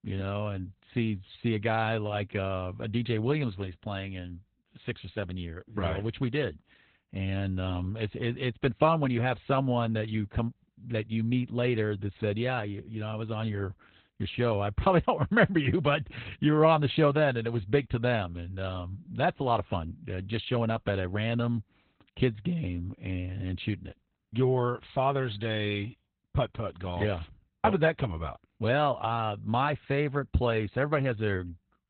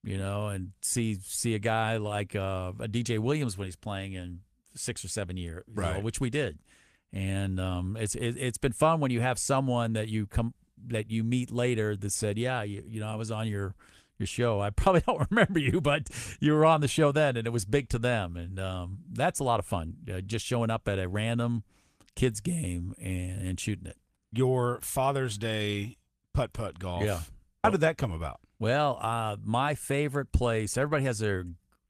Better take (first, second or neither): second